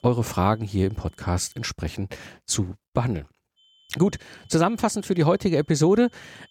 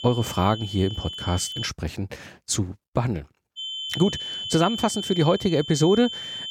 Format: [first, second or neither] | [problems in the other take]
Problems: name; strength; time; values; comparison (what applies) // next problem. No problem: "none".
first | high-pitched whine; loud; until 1.5 s and from 3.5 s on; 3 kHz, 7 dB below the speech; faint in the first